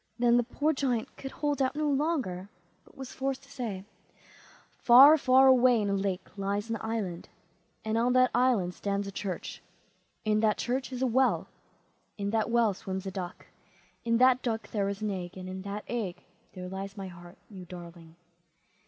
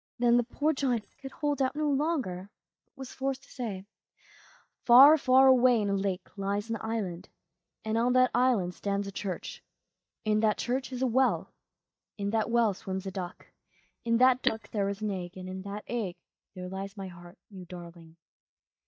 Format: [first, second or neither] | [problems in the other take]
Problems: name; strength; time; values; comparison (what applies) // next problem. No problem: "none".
first | noise reduction (neural mask model DeepFilterNet 3)